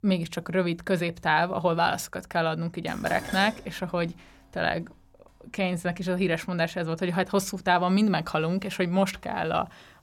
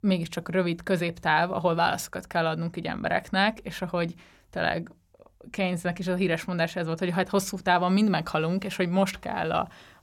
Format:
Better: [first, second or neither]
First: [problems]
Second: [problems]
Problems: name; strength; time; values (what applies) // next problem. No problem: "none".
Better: second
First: clattering dishes; noticeable; from 3 to 5 s; peak 10 dB below the speech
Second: none